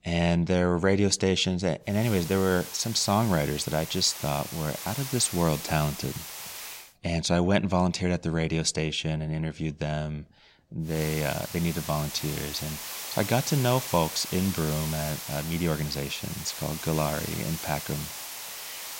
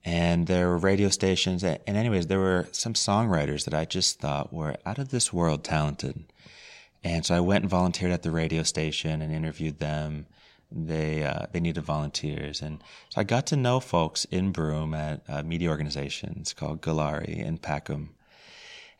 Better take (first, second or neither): second